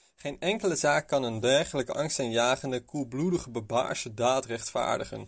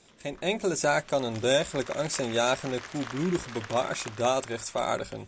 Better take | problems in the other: first | background sound (Applause); 16 dB below the speech

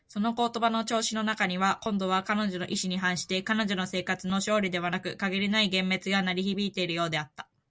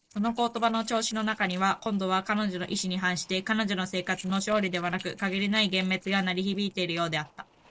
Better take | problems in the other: first | noise reduction (neural separator model SepFormer DNS4)

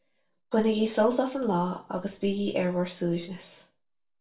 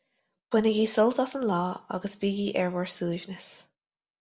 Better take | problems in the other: second | room echo; dies away in 0.2 s

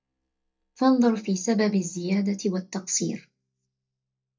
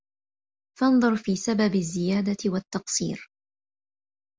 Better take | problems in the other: second | noise reduction (neural mask model DeepFilterNet 3)

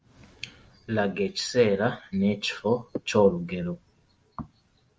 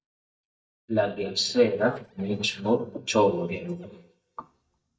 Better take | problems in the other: first | noise reduction (neural mask model DeepFilterNet 3)

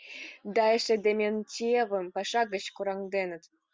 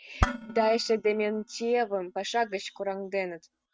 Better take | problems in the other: first | noise reduction (neural mask model RNNoise)

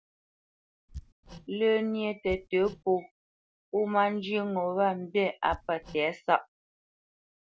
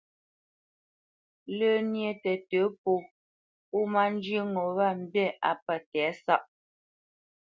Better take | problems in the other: second | background sound (Hammer); 18 dB below the speech

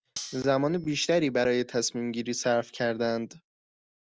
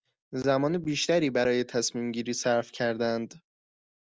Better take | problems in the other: second | background sound (Cutlery, silverware); 16 dB below the speech

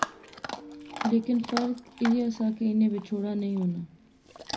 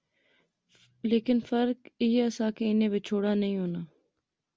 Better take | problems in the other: second | background sound (Chewing, mastication / Dog); 10 dB below the speech // room echo; dies away in 0.5 s

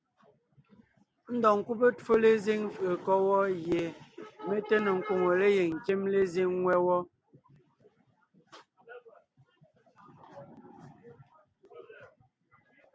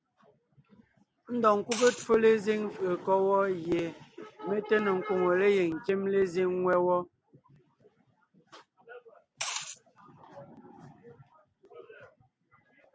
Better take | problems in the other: first | background sound (Liquid); 9 dB below the speech

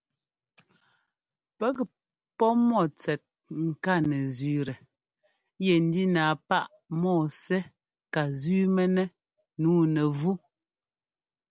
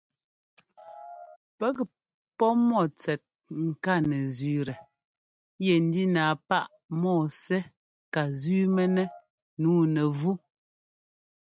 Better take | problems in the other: first | noise reduction (neural mask model RNNoise)

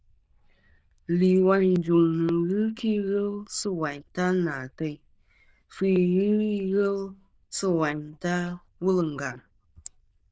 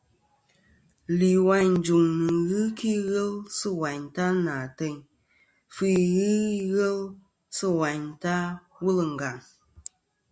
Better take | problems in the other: second | noise reduction (neural diffusion model UNIVERSE++)

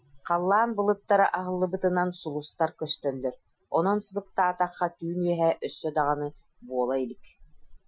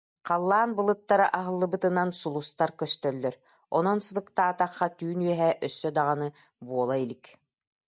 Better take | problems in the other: second | noise reduction (classical method Wiener filter)

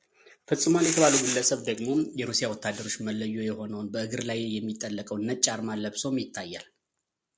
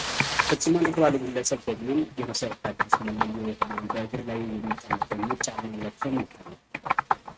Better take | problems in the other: first | noise reduction (neural mask model RNNoise)

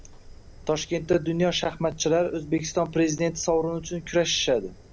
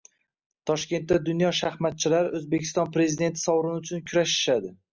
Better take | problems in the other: second | background sound (Fire); 20 dB below the speech

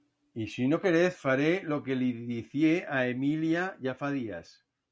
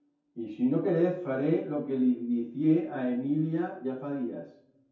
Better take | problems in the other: first | room echo; dies away in 0.6 s

